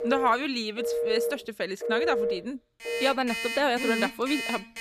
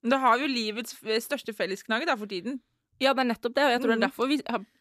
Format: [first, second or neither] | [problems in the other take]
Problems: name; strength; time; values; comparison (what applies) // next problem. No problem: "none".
second | alarms or sirens; loud; throughout; 3 dB below the speech